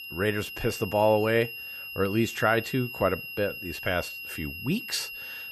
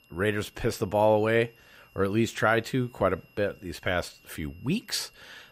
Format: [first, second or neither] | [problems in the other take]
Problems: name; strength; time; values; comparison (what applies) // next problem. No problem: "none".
second | high-pitched whine; loud; throughout; 3 kHz, 9 dB below the speech; faint in the second